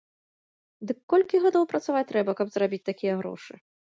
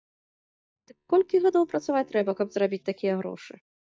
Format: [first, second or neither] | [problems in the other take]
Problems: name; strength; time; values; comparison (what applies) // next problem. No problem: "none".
first | noise reduction (neural mask model DeepFilterNet 3)